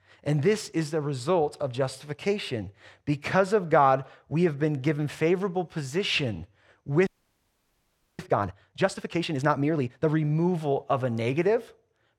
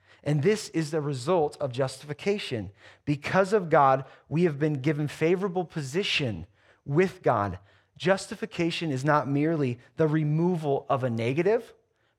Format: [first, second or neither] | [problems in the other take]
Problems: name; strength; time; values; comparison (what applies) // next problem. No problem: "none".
second | audio freezing; at 7 s for 1 s